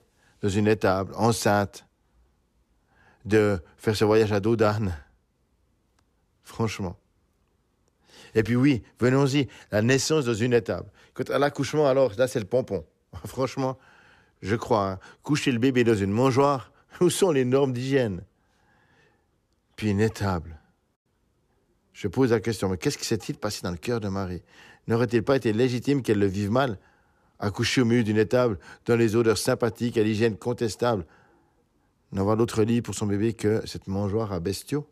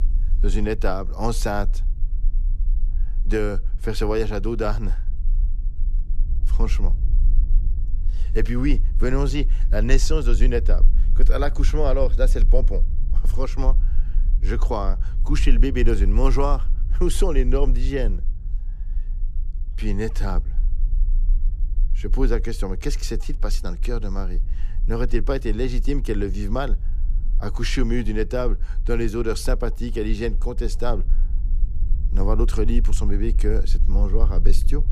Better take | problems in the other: first | low rumble; faint; throughout; 20 dB below the speech

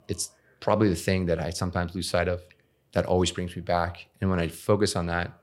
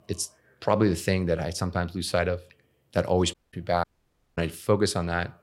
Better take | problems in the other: first | audio cutting out; at 3.5 s and at 4 s for 0.5 s

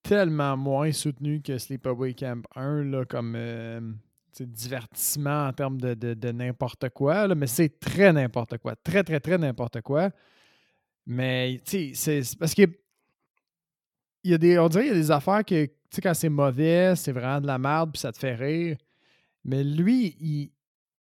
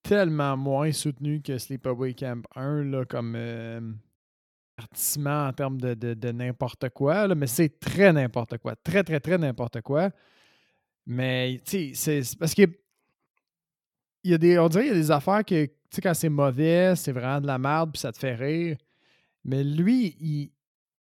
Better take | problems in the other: first | audio cutting out; at 4 s for 0.5 s

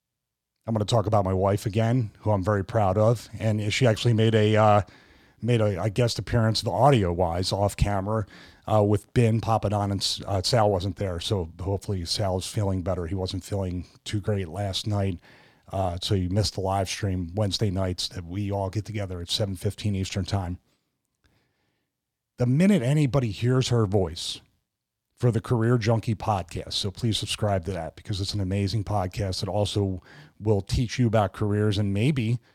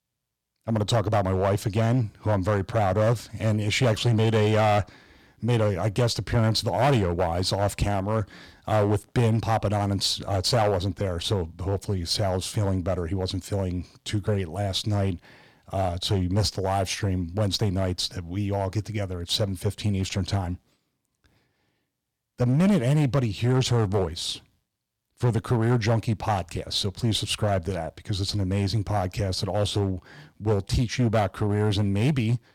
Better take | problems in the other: first | distortion; slight; 6% of the sound clipped

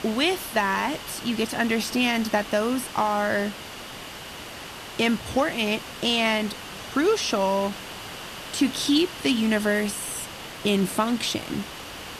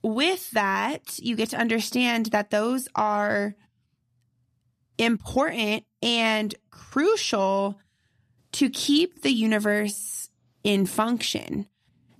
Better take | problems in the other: second | hiss; noticeable; throughout; 10 dB below the speech

